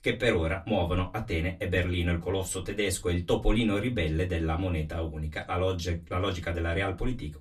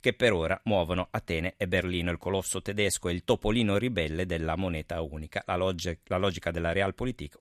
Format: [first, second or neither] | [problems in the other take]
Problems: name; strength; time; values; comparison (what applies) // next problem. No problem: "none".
second | off-mic speech; far // room echo; very slight; dies away in 0.2 s